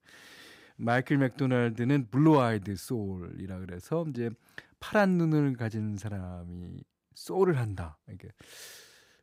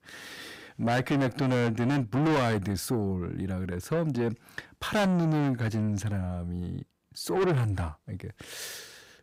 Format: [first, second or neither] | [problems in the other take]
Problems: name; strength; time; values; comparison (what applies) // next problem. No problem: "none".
first | distortion; heavy; 5 dB below the speech